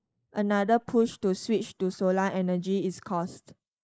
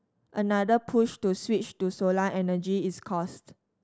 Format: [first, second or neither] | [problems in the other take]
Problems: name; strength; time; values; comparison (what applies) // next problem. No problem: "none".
second | noise reduction (neural mask model Resemble Enhance denoiser)